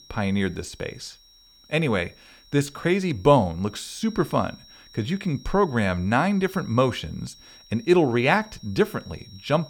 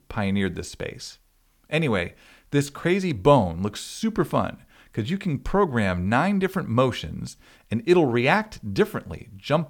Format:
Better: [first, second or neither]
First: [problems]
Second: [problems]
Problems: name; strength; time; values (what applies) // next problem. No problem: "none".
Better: second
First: high-pitched whine; faint; throughout; 5.5 kHz, 25 dB below the speech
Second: none